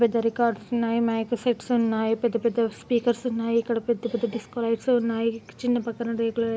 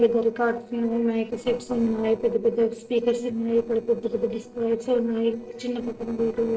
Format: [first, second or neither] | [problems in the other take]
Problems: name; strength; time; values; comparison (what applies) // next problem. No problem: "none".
first | noise reduction (neural separator model SepFormer DNS4)